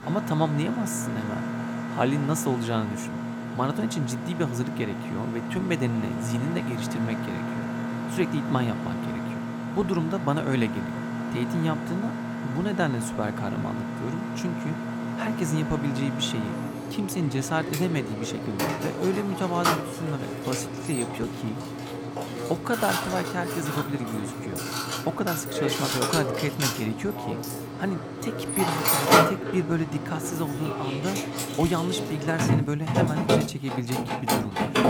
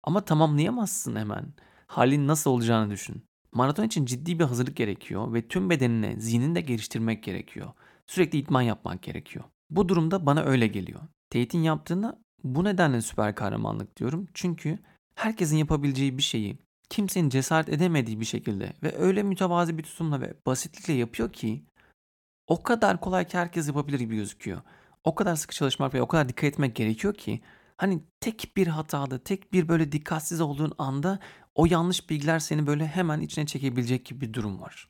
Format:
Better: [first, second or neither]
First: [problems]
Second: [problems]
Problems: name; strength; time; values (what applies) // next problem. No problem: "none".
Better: second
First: machinery noise; very loud; throughout; as loud as the speech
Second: none